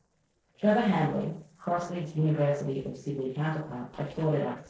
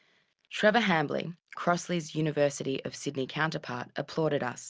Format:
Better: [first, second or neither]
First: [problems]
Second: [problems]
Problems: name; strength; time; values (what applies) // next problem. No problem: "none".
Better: second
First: noise reduction (neural separator model SepFormer DNS4)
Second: none